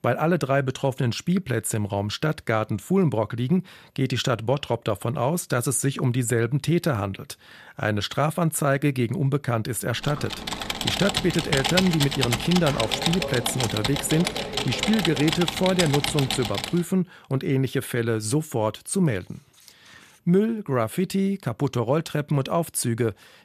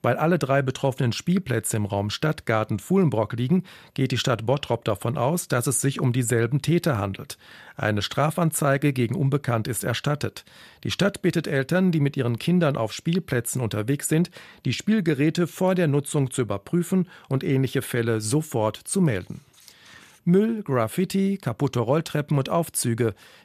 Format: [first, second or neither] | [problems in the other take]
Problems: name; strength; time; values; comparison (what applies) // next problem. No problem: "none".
second | keyboard typing; loud; from 10 to 17 s; peak 2 dB above the speech